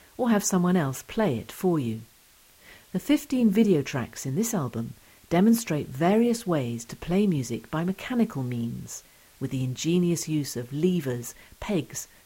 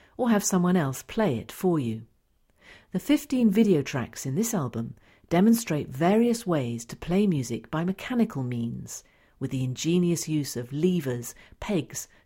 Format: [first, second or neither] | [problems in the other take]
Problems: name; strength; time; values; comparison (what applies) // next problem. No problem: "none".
second | hiss; faint; throughout; 30 dB below the speech